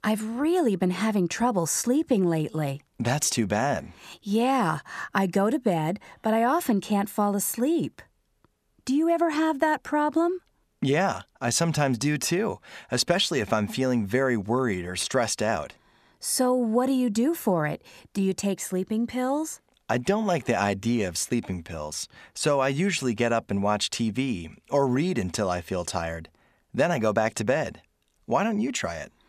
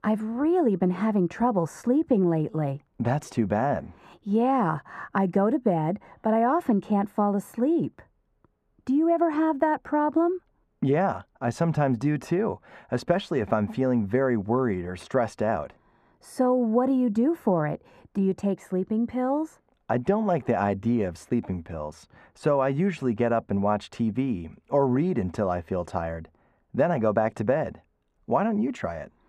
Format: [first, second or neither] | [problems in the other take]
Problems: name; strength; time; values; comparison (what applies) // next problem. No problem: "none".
first | muffled; very; fading above 2.5 kHz